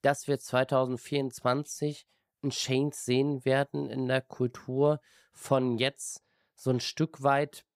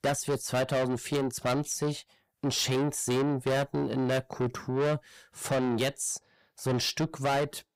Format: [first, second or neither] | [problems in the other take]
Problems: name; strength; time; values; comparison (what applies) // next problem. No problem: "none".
first | distortion; heavy; 5 dB below the speech